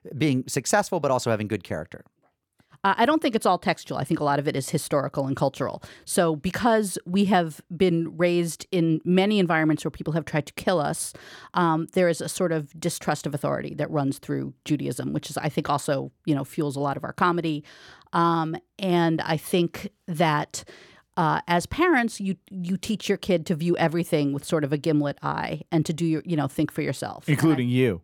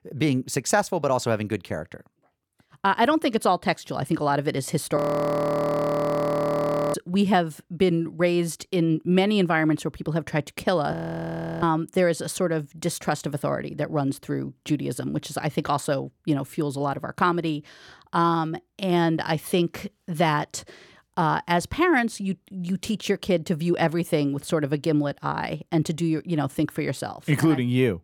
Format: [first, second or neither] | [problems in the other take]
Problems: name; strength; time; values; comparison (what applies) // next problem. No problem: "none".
first | audio freezing; at 5 s for 2 s and at 11 s for 0.5 s